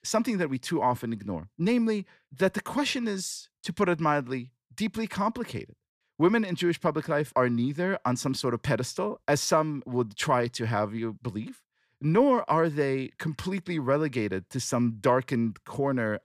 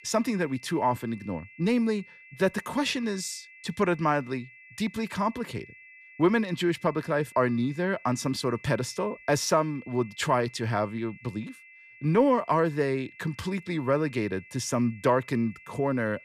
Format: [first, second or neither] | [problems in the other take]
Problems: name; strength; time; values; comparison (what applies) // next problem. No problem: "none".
first | high-pitched whine; faint; throughout; 2 kHz, 20 dB below the speech